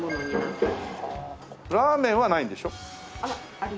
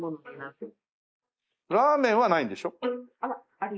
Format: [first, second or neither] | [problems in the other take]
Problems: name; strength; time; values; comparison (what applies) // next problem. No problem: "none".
first | noise reduction (neural mask model Resemble Enhance denoiser)